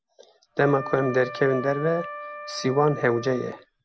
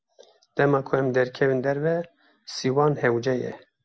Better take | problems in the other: second | background sound (Wind instrument, woodwind instrument); 12 dB below the speech

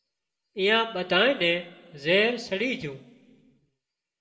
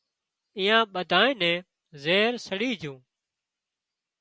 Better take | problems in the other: second | room echo; dies away in 1.6 s

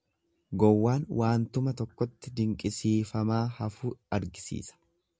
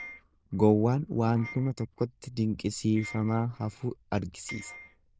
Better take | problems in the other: first | noise reduction (neural diffusion model UNIVERSE++)

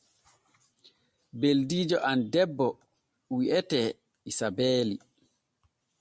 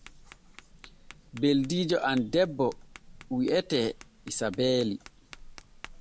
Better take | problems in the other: first | background sound (Tap); 20 dB below the speech

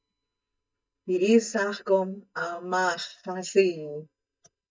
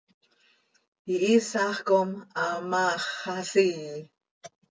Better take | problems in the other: second | noise reduction (neural mask model DeepFilterNet 3)

